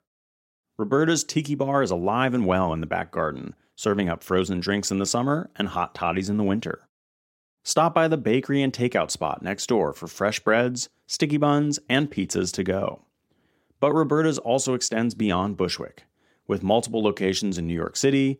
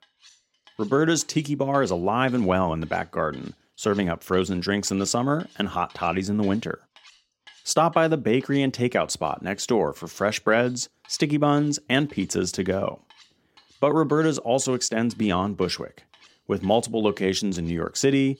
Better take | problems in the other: first | household noises; faint; throughout; 30 dB below the speech

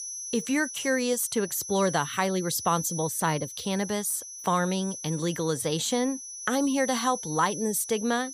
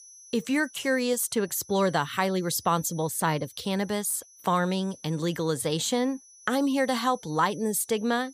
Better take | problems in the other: second | high-pitched whine; loud; throughout; 6 kHz, 9 dB below the speech; faint in the second

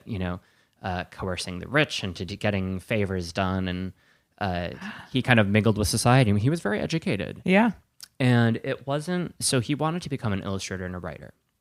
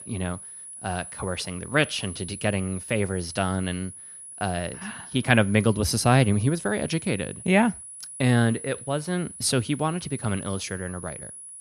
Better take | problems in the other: first | high-pitched whine; noticeable; throughout; 10 kHz, 10 dB below the speech

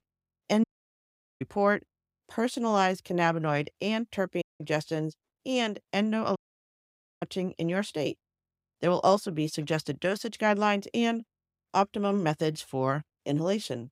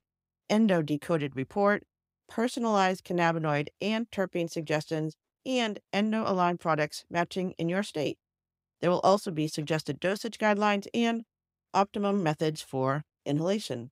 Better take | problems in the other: second | audio cutting out; at 0.5 s for 1 s, at 4.5 s and at 6.5 s for 1 s

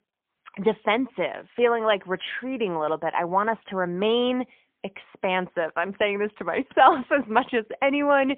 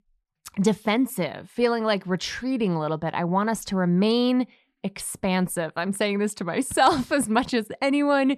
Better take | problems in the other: second | phone-call audio; poor line; nothing above 3.5 kHz

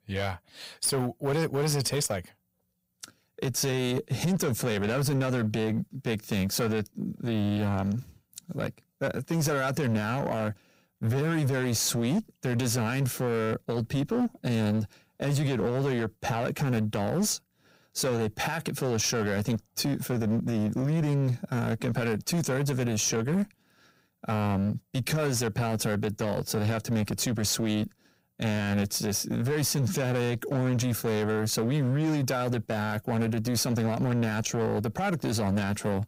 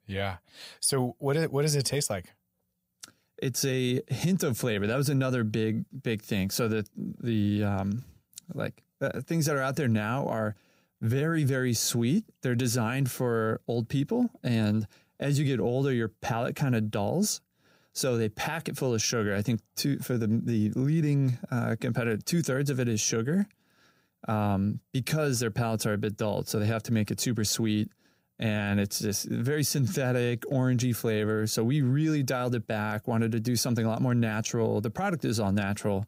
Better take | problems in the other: second | distortion; slight; 15% of the sound clipped

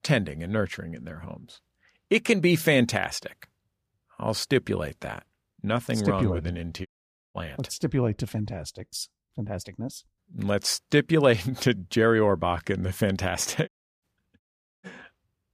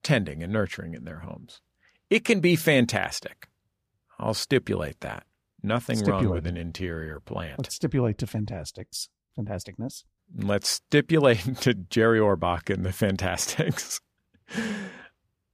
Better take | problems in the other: second | audio cutting out; at 7 s and at 14 s

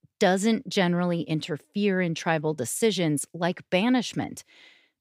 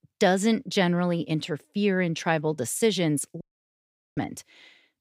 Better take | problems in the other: first | audio cutting out; at 3.5 s for 1 s

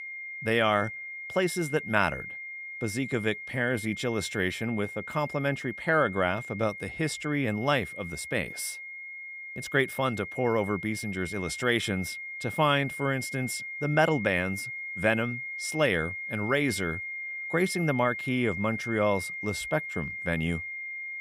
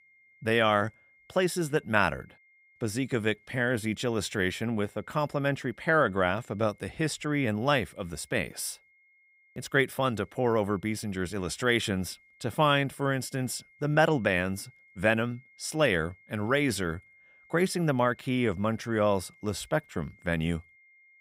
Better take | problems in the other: second | high-pitched whine; loud; throughout; 2 kHz, 7 dB below the speech; faint in the second

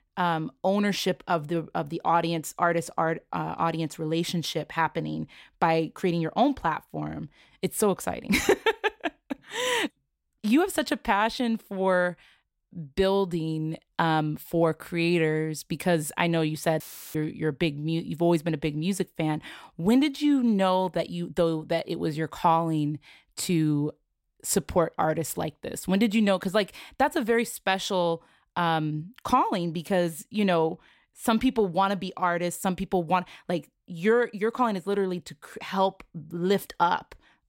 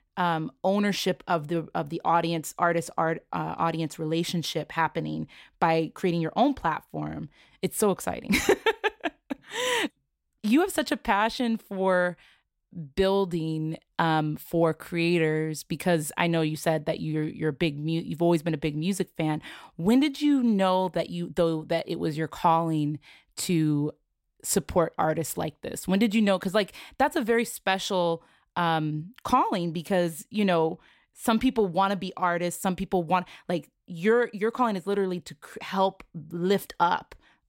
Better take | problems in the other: second | audio cutting out; filled with static; at 17 s

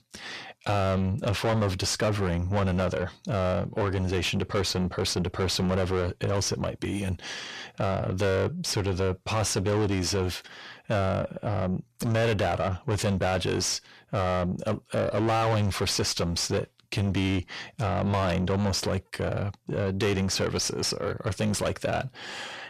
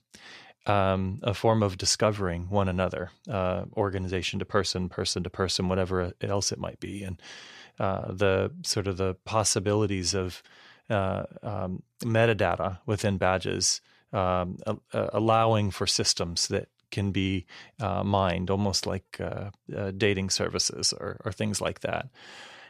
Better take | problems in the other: second | distortion; heavy; 5 dB below the speech

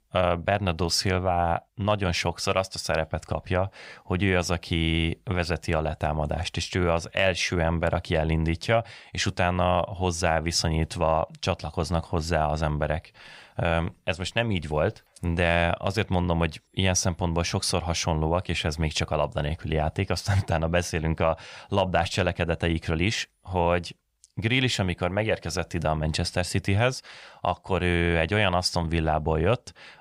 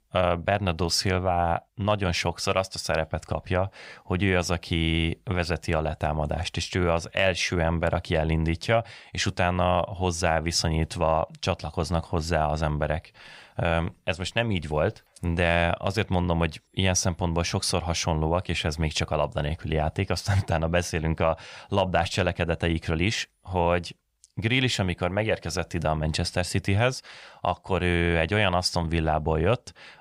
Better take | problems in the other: neither | none

